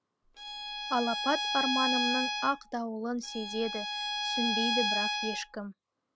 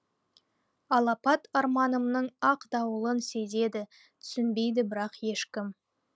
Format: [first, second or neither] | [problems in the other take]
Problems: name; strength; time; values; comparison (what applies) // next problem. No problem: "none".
second | background sound (Bowed string instrument); 1 dB above the speech